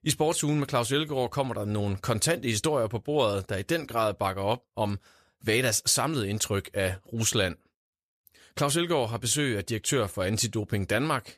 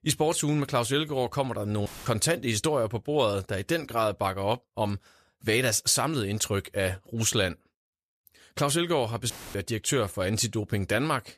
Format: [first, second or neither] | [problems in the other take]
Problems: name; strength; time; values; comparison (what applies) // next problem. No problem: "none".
first | audio cutting out; filled with static; at 2 s and at 9.5 s